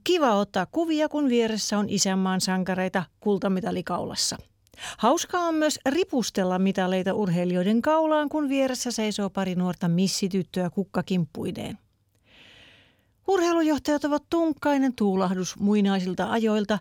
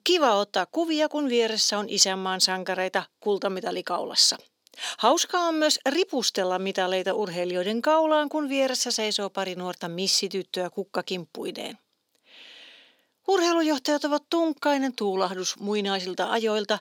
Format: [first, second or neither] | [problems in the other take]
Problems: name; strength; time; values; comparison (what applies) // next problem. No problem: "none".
first | thin; somewhat; fading below 300 Hz